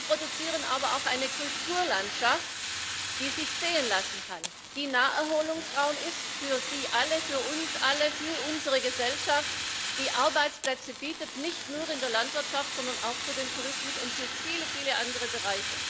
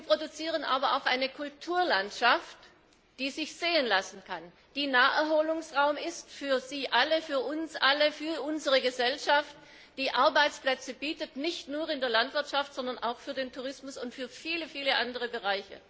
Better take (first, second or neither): second